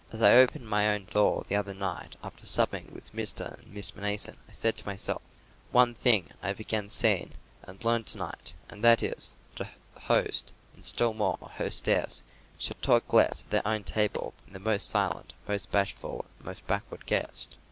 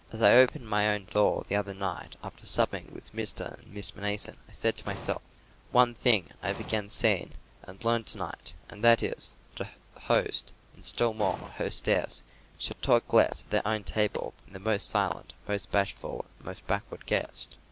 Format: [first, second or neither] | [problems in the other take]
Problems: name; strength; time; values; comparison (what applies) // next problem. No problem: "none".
first | background sound (Explosion); 11 dB below the speech